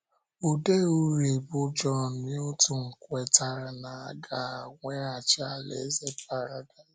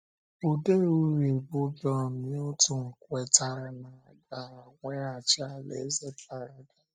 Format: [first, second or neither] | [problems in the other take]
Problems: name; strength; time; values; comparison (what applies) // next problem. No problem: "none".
first | noise reduction (neural mask model DeepFilterNet 3)